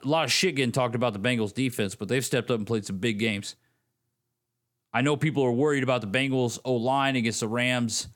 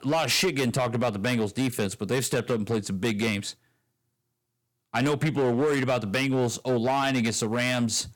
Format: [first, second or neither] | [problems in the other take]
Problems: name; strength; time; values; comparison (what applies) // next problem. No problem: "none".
first | distortion; slight; 10% of the sound clipped